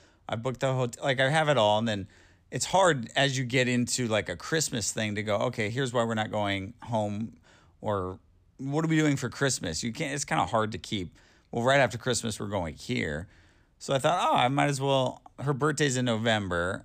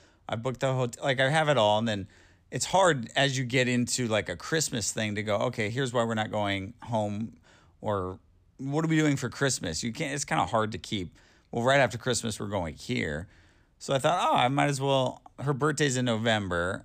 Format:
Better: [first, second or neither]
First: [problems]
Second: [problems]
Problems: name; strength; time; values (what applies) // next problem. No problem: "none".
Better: neither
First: none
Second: none